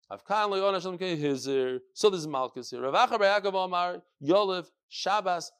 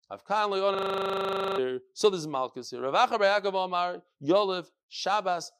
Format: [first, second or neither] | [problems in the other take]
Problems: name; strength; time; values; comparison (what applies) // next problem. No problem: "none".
first | audio freezing; at 1 s for 1 s